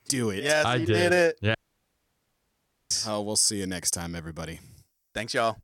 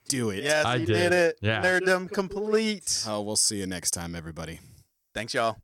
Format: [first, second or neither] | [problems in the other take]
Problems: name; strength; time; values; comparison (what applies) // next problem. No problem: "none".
second | audio cutting out; at 1.5 s for 1.5 s